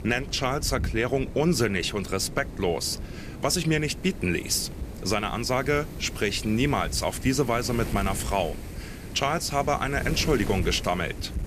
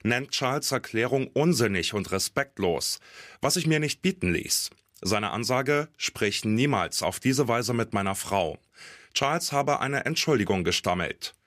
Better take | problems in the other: second | wind noise on the microphone; occasional gusts; 15 dB below the speech

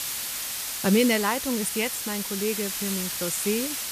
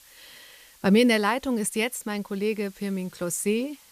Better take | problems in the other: second | hiss; loud; throughout; 2 dB below the speech; faint in the second

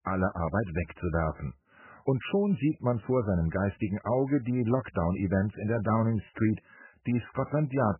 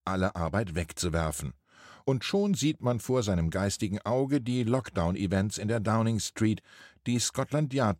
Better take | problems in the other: second | garbled, watery; badly; nothing above 3 kHz

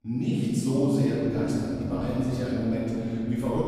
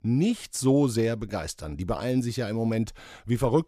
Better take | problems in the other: second | room echo; strong; dies away in 3 s // off-mic speech; far

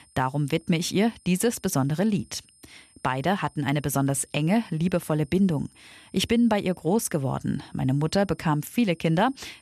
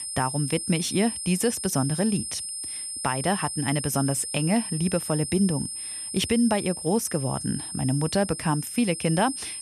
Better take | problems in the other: first | high-pitched whine; loud; throughout; 8.5 kHz, 5 dB below the speech; faint in the first

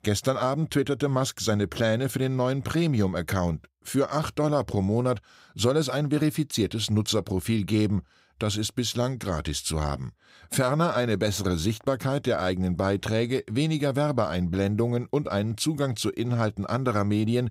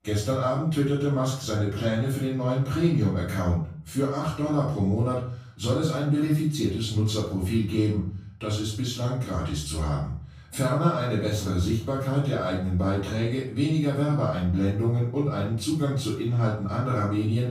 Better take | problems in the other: first | off-mic speech; far // room echo; noticeable; dies away in 0.5 s

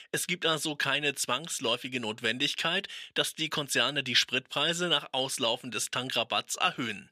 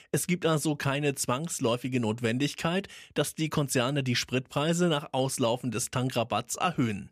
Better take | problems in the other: second | thin; somewhat; fading below 850 Hz

